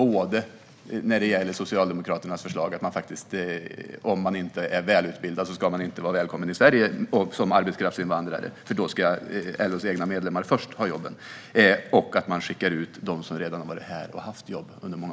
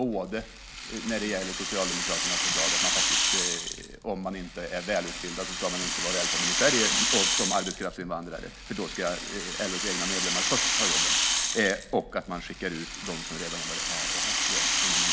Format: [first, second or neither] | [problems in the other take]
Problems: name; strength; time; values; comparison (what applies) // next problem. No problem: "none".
first | background sound (Rattle (instrument)); 4 dB above the speech